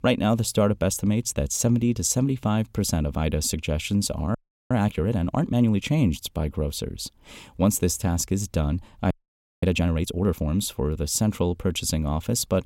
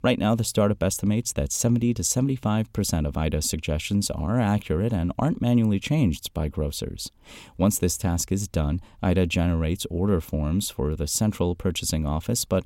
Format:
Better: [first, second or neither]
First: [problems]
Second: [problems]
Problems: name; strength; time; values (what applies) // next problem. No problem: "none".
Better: second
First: audio freezing; at 4.5 s and at 9 s for 0.5 s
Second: none